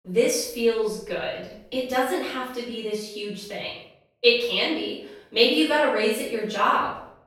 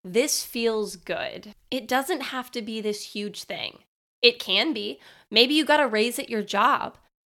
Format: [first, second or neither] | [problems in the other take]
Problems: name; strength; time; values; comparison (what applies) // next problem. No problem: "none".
second | off-mic speech; far // room echo; noticeable; dies away in 0.6 s